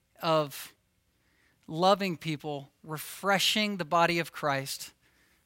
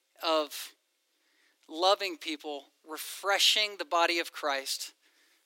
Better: first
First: none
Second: thin; very; fading below 300 Hz

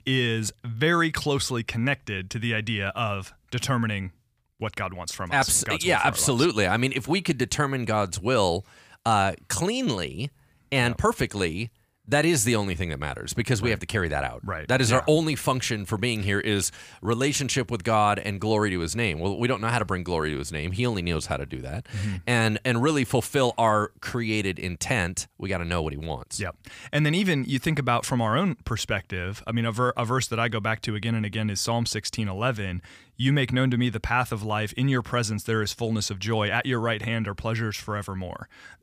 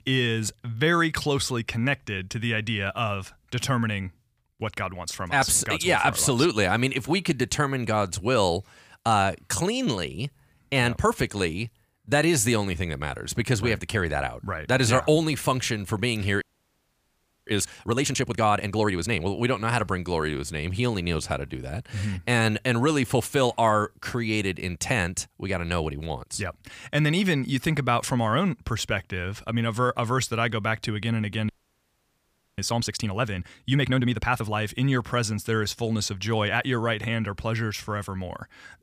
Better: first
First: none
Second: audio freezing; at 16 s for 1 s and at 31 s for 1 s

